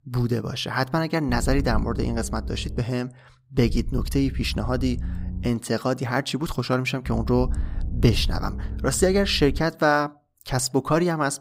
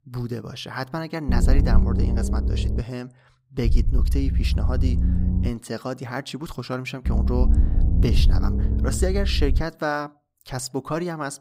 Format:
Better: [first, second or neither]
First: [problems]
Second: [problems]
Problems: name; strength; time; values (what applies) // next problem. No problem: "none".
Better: first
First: low rumble; faint; from 1.5 to 3 s, from 3.5 to 5.5 s and from 7 to 9.5 s; 20 dB below the speech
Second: low rumble; loud; from 1.5 to 3 s, from 3.5 to 5.5 s and from 7 to 9.5 s; 7 dB below the speech